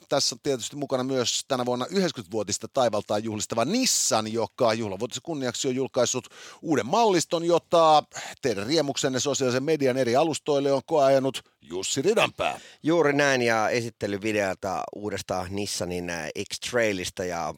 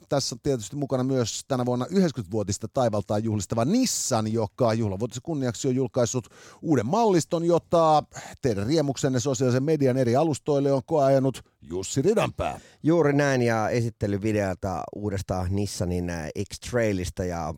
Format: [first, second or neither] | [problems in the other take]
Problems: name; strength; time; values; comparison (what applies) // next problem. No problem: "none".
second | thin; very slightly; fading below 450 Hz